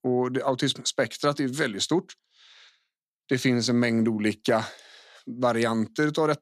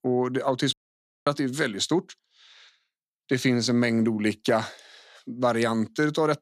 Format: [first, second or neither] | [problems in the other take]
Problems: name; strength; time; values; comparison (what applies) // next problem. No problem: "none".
first | audio cutting out; at 0.5 s for 0.5 s